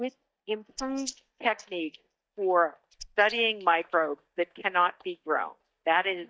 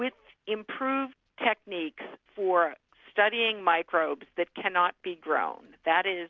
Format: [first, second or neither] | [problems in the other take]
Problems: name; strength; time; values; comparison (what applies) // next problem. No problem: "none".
second | noise reduction (neural mask model DeepFilterNet 3)